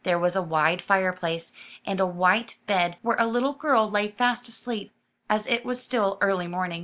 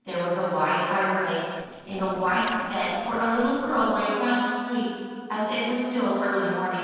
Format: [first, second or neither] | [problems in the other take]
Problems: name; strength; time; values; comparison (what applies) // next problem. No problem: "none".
first | noise reduction (neural separator model SepFormer DNS4)